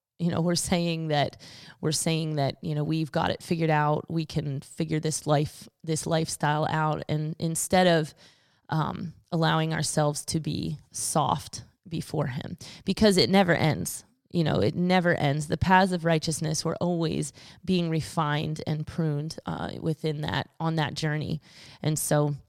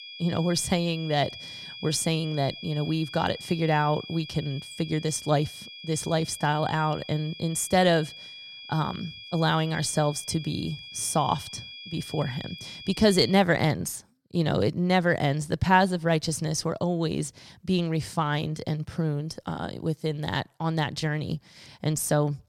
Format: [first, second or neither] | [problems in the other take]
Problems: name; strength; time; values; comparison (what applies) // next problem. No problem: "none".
first | high-pitched whine; noticeable; until 13 s; 3.5 kHz, 15 dB below the speech